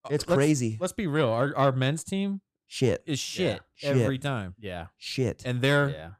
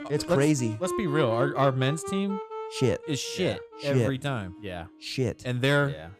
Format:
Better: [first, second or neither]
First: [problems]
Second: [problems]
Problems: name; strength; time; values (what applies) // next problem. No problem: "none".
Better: first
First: none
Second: background music; loud; throughout; 9 dB below the speech